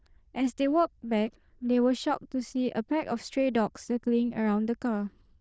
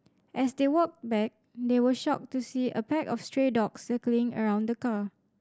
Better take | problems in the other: second | noise reduction (neural diffusion model UNIVERSE++)

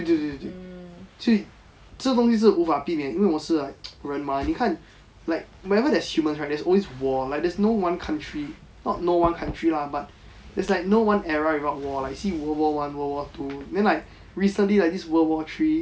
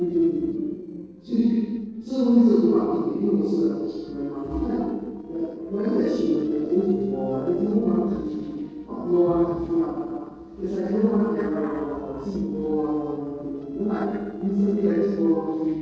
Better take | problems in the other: first | noise reduction (neural separator model SepFormer DNS4)

